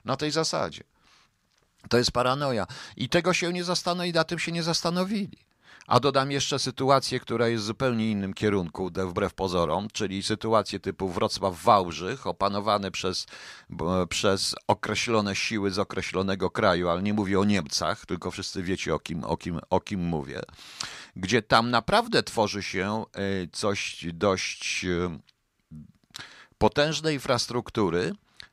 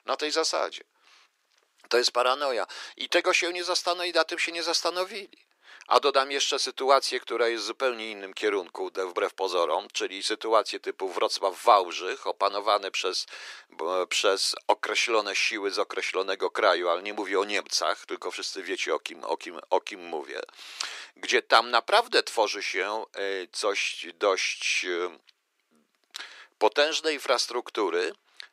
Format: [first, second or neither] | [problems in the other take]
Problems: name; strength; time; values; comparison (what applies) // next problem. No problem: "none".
first | thin; very; fading below 350 Hz